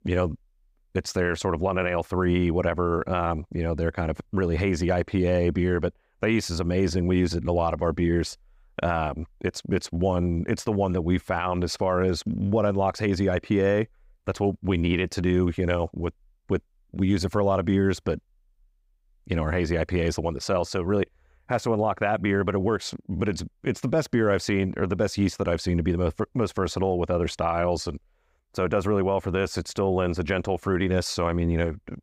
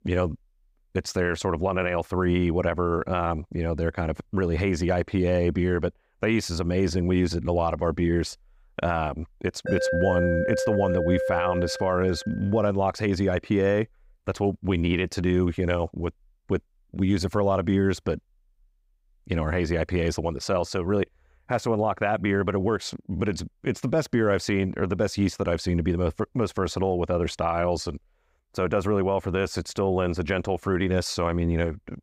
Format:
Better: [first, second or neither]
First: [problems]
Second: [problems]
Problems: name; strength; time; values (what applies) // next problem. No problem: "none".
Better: first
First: none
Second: alarm; loud; from 9.5 to 12 s; peak level with the speech